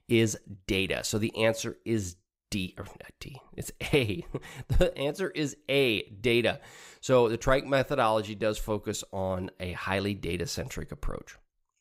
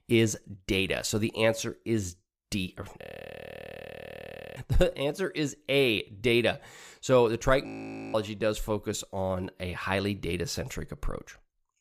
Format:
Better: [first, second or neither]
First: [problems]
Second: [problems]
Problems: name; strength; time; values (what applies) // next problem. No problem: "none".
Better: first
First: none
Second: audio freezing; at 3 s for 1.5 s and at 7.5 s